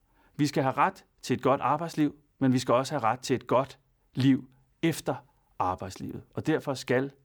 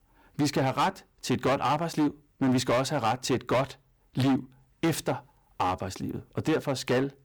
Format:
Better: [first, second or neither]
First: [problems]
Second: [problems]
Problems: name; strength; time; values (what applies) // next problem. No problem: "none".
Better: first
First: none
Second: distortion; heavy; 11% of the sound clipped